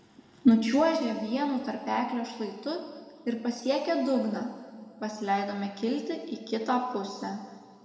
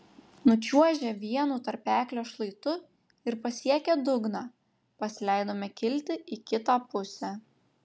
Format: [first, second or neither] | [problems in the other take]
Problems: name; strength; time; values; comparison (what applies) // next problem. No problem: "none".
second | room echo; dies away in 2.1 s